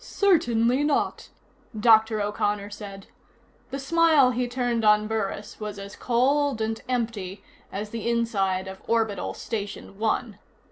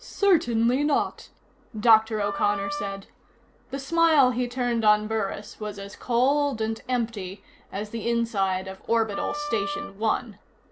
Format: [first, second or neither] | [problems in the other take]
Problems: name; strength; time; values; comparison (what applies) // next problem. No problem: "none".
first | background sound (Wind instrument, woodwind instrument); 8 dB below the speech